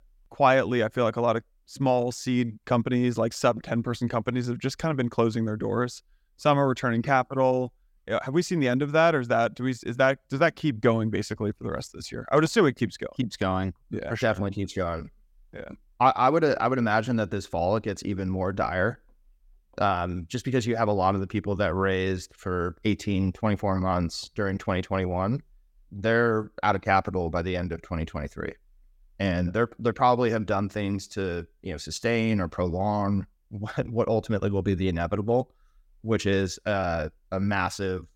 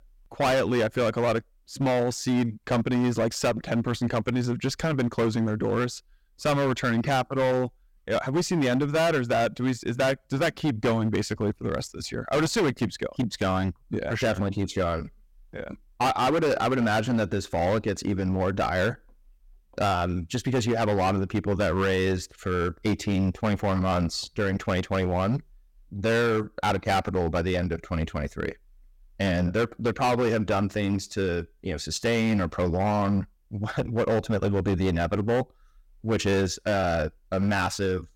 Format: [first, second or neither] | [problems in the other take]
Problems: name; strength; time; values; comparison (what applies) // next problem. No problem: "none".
first | distortion; heavy; 13% of the sound clipped